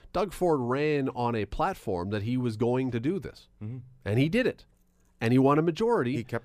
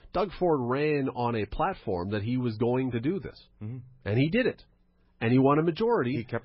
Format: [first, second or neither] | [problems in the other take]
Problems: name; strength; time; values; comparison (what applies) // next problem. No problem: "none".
first | garbled, watery; badly; nothing above 5.5 kHz